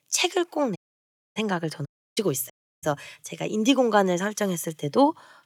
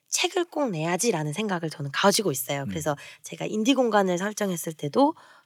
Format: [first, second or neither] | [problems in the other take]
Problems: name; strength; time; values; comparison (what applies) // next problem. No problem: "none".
second | audio cutting out; at 1 s for 0.5 s, at 2 s and at 2.5 s